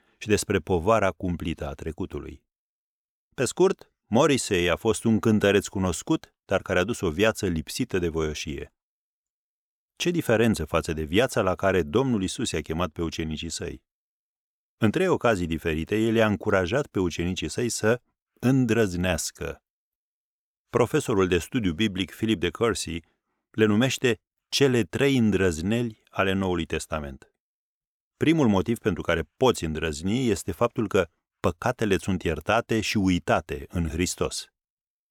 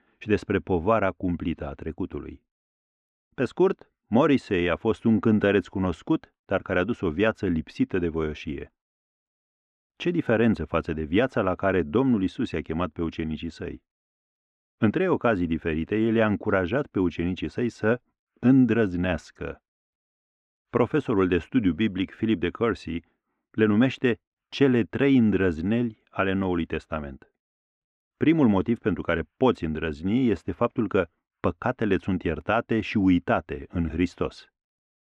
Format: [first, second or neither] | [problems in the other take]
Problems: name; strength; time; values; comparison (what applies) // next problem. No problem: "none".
first | muffled; very; fading above 2 kHz